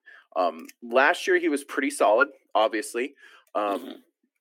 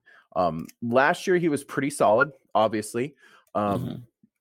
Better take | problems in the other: second | thin; very slightly; fading below 250 Hz

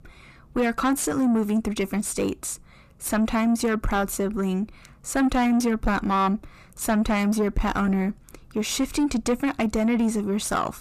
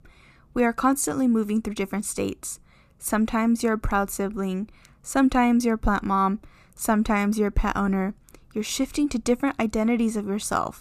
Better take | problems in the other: second | distortion; slight; 9 dB below the speech

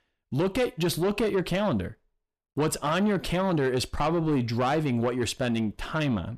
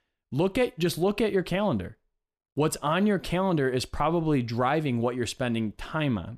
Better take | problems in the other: second | distortion; slight; 10 dB below the speech

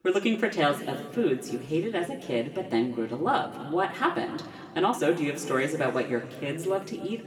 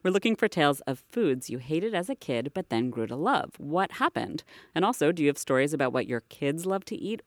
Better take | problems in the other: second | room echo; slight; dies away in 2.3 s // off-mic speech; somewhat distant

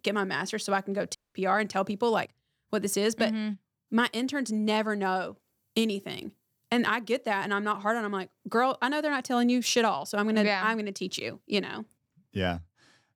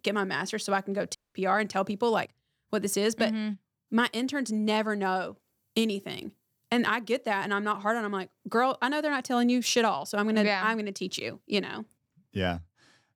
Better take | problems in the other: neither | audio cutting out; at 1 s; the same in both

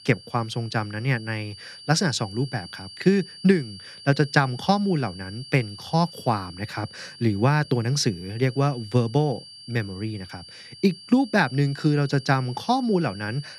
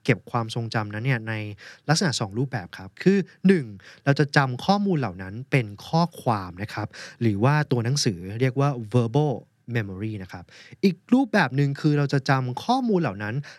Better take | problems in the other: second | high-pitched whine; noticeable; throughout; 4.5 kHz, 15 dB below the speech

